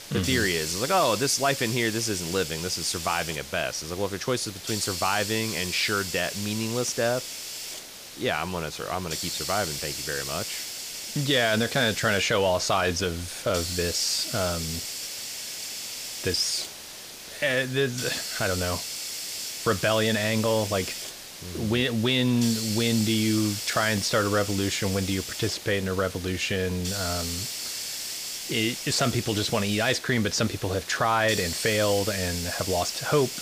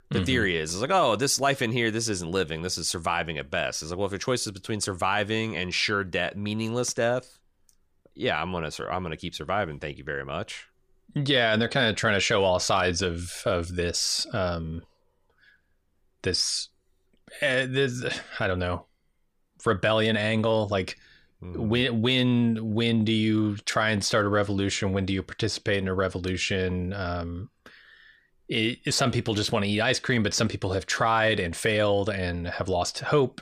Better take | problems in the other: second | hiss; loud; throughout; 6 dB below the speech

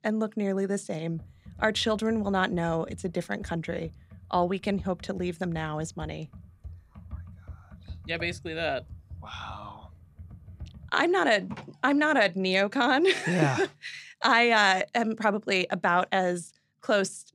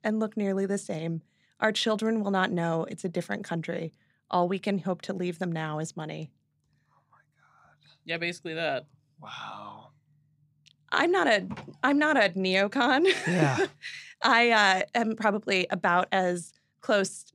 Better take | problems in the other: second | keyboard typing; faint; from 1 to 11 s; peak 15 dB below the speech

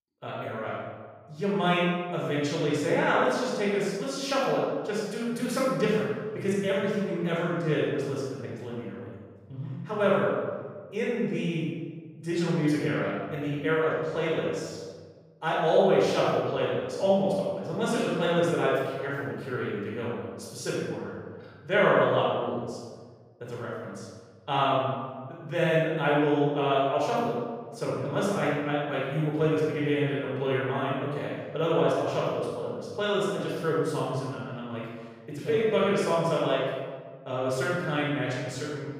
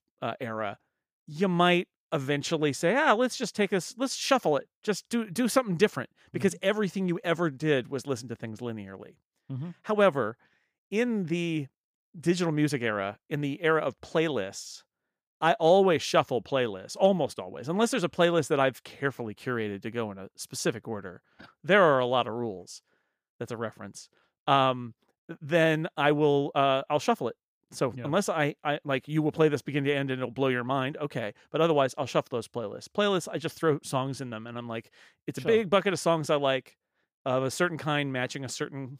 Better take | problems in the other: second | off-mic speech; far // room echo; strong; dies away in 1.4 s

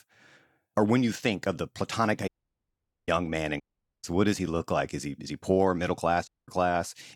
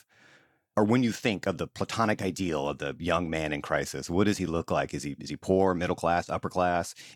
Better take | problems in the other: second | audio cutting out; at 2.5 s for 1 s, at 3.5 s and at 6.5 s

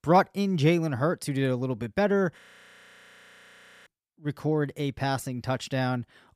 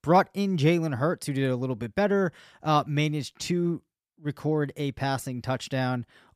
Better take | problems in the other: second | audio freezing; at 2.5 s for 1.5 s

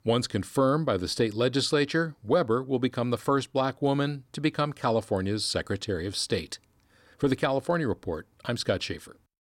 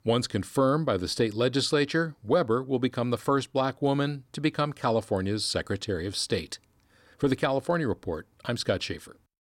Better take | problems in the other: neither | none

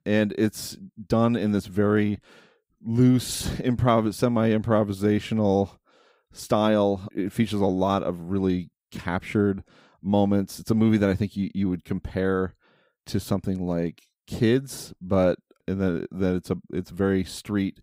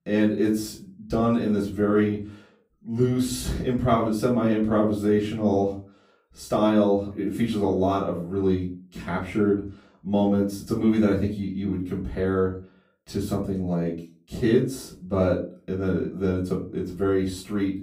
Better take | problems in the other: first | off-mic speech; far // room echo; slight; dies away in 0.3 s

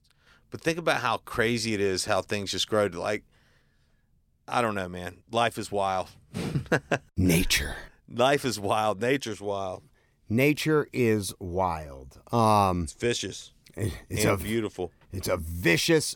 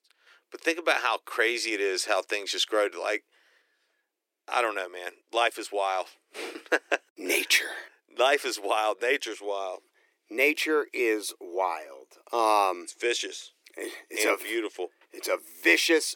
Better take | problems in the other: first | thin; very; fading below 300 Hz

